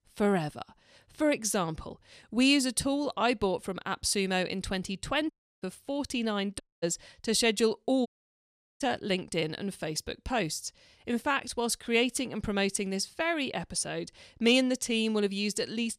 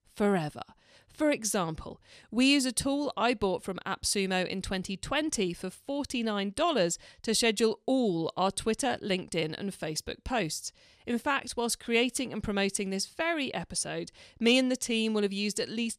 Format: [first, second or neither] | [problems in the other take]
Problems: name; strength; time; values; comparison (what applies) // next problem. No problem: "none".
second | audio cutting out; at 5.5 s, at 6.5 s and at 8 s for 0.5 s